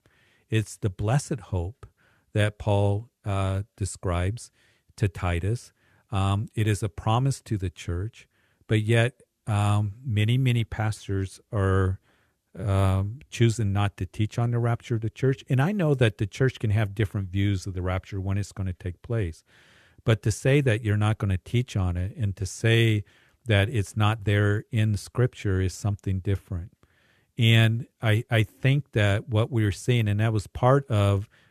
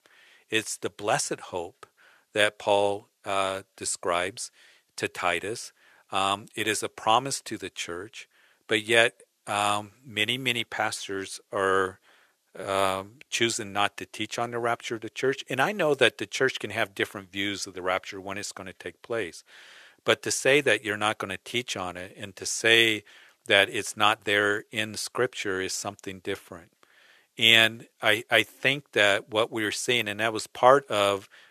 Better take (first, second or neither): first